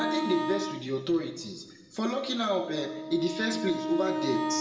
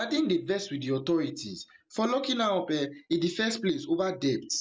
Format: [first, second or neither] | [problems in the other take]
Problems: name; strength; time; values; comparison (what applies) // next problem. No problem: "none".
second | background sound (Wind instrument, woodwind instrument); 4 dB below the speech // room echo; dies away in 1.2 s